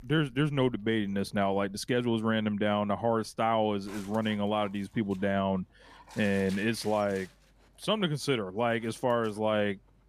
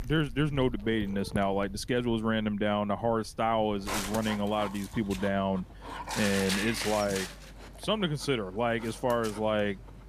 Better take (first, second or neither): first